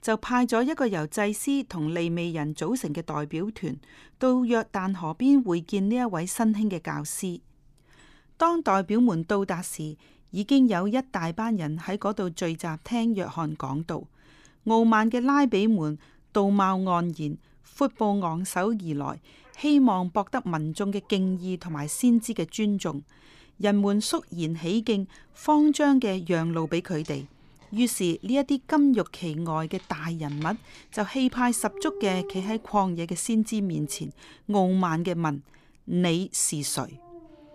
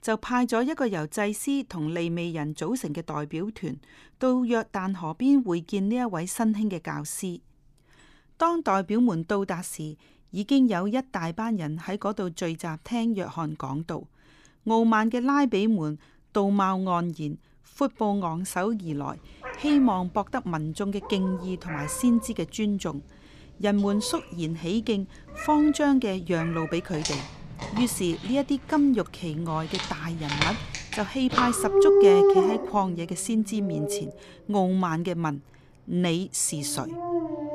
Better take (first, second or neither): first